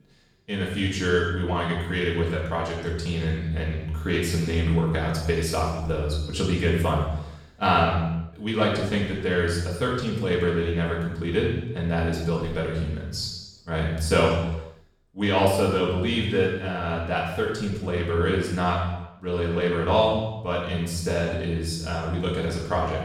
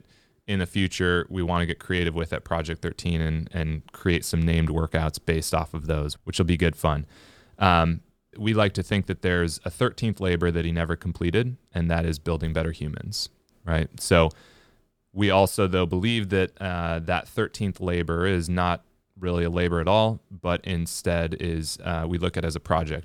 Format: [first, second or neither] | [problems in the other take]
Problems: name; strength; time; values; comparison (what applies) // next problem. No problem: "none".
second | room echo; noticeable; dies away in 0.9 s // off-mic speech; far